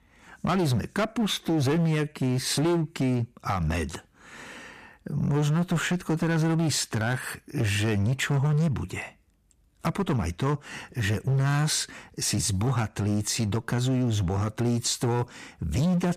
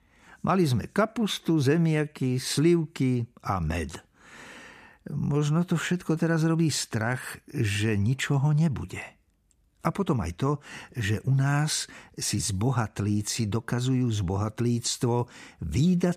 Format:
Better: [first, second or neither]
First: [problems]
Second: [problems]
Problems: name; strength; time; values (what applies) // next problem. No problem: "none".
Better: second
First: distortion; slight; 15% of the sound clipped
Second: none